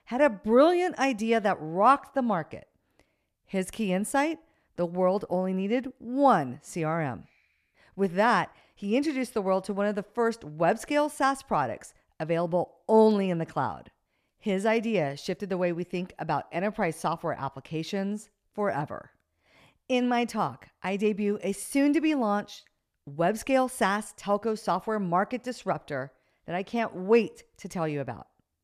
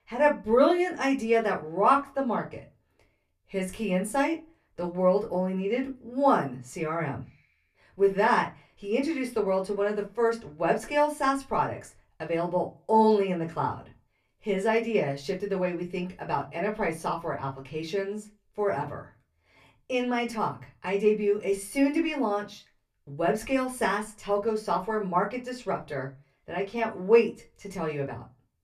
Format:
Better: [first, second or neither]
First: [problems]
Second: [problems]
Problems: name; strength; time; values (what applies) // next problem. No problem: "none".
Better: first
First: none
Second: off-mic speech; somewhat distant // room echo; very slight; dies away in 0.2 s